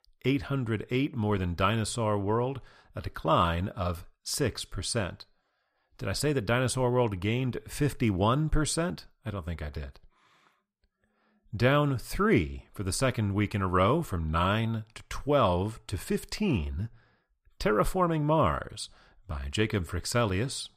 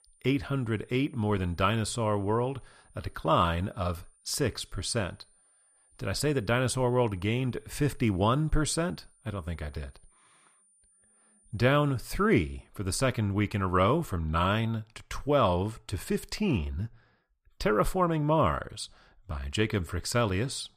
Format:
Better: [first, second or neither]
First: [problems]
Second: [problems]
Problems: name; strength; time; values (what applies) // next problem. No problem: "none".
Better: first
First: none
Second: high-pitched whine; faint; until 13 s; 9 kHz, 35 dB below the speech